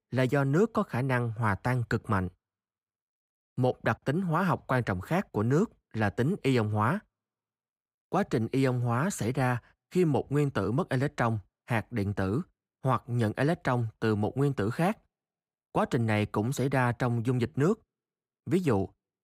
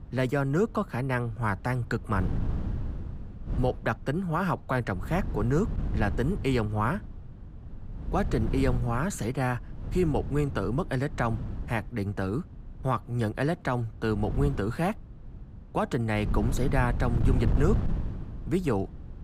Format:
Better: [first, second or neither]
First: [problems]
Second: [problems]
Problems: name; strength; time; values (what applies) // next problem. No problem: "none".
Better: first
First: none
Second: wind noise on the microphone; occasional gusts; 15 dB below the speech